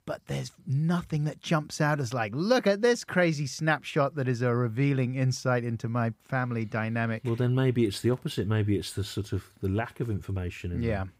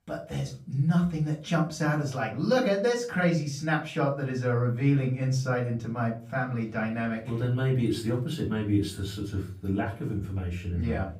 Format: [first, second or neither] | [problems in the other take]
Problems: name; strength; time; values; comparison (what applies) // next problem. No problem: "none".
first | off-mic speech; far // room echo; slight; dies away in 0.3 s